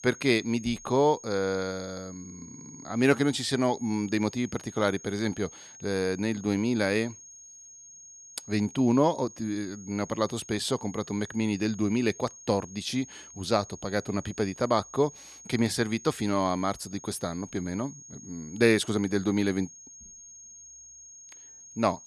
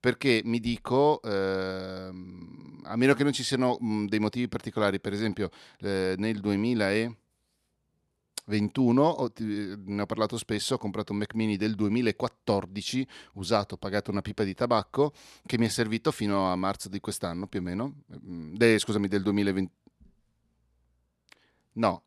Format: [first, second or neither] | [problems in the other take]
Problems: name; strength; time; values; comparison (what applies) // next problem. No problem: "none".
second | high-pitched whine; noticeable; throughout; 6.5 kHz, 15 dB below the speech